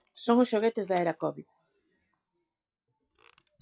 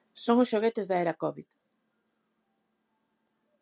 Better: second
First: noise reduction (classical method log-MMSE)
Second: none

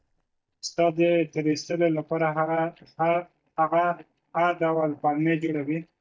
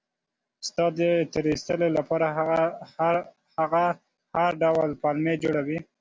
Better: second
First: noise reduction (neural mask model DeepFilterNet 3)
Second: none

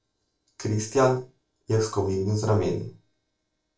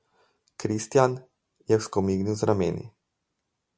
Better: second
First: noise reduction (neural separator model SepFormer DNS4)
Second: none

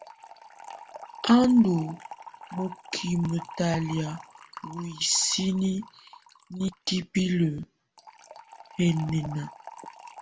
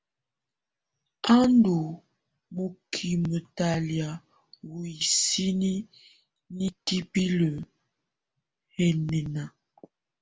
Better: second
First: background sound (Fill (with liquid) / Trickle, dribble); 17 dB below the speech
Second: none

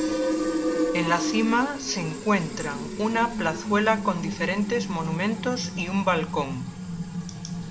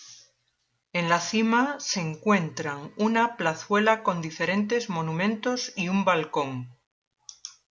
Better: second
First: background sound (Fill (with liquid)); 3 dB below the speech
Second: none

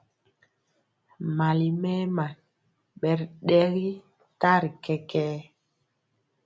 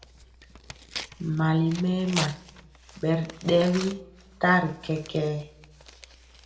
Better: first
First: none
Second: background sound (Tearing); 14 dB below the speech // room echo; dies away in 0.4 s

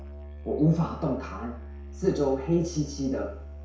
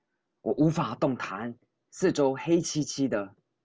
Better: second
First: background sound (Musical instrument); 12 dB below the speech // room echo; dies away in 0.6 s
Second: none

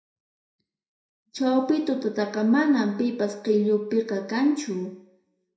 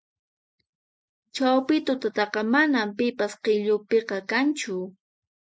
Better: second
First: room echo; dies away in 0.6 s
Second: none

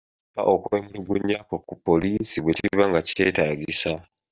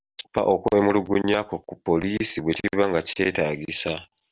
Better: second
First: noise reduction (neural mask model DeepFilterNet 3)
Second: none

